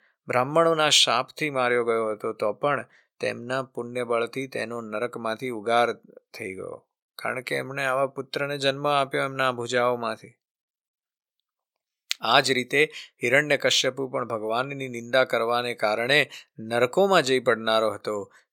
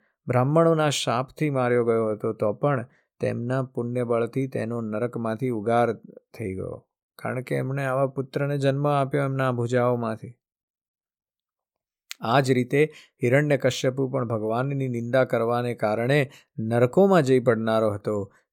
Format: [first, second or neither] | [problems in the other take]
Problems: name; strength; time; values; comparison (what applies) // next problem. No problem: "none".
second | thin; somewhat; fading below 750 Hz